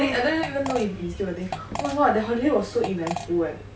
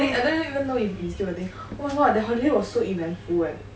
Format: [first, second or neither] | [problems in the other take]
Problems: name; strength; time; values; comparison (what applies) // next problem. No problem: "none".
second | background sound (Fart); 11 dB below the speech